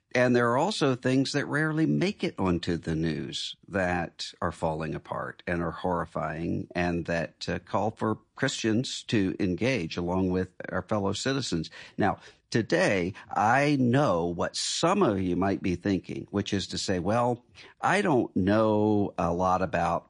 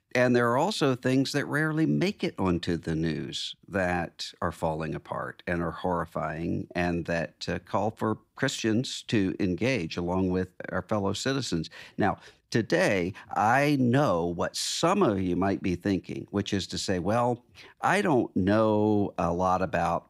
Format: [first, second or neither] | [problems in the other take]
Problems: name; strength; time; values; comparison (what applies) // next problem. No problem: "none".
second | garbled, watery; slightly; nothing above 9 kHz